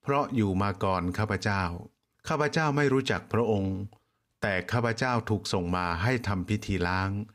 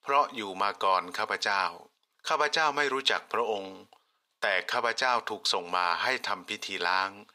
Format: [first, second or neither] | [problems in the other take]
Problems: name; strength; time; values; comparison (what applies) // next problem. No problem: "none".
first | thin; very; fading below 700 Hz